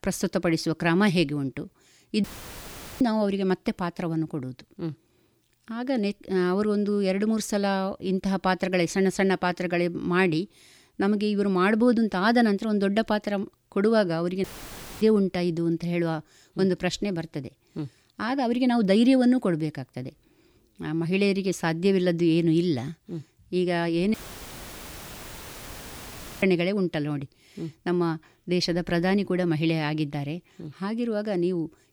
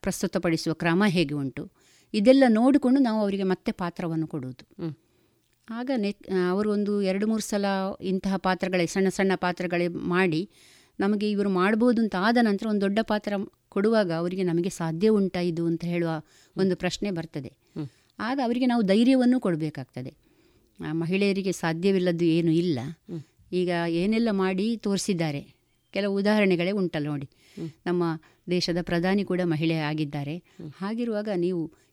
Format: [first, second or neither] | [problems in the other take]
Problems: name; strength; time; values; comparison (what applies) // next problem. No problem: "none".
second | audio cutting out; filled with static; at 2 s for 1 s, at 14 s for 0.5 s and at 24 s for 2.5 s